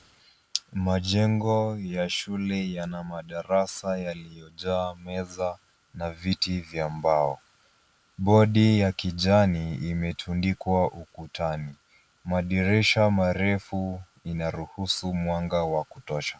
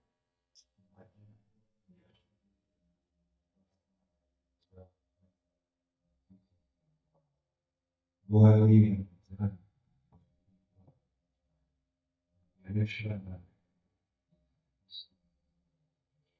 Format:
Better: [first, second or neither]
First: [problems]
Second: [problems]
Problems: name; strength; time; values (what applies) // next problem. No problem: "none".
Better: first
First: none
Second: noise reduction (neural mask model DeepFilterNet 3)